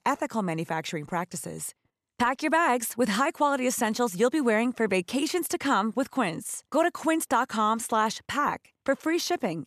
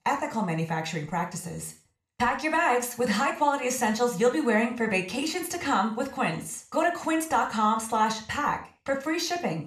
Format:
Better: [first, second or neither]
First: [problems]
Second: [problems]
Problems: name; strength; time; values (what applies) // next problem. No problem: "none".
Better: first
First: none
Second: room echo; slight; dies away in 0.4 s